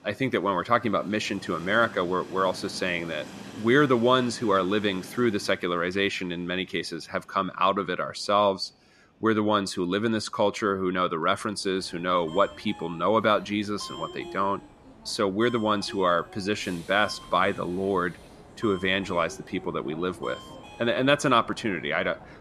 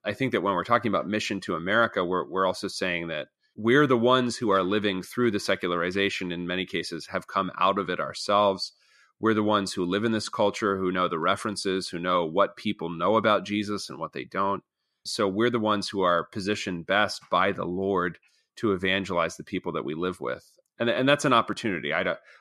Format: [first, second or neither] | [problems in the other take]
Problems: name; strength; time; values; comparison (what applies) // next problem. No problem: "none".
second | train or aircraft noise; noticeable; throughout; 20 dB below the speech